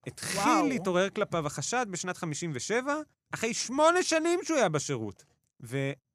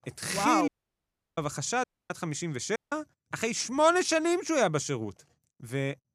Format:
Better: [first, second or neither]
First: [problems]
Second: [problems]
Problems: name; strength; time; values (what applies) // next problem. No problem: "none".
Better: first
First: none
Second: audio cutting out; at 0.5 s for 0.5 s, at 2 s and at 3 s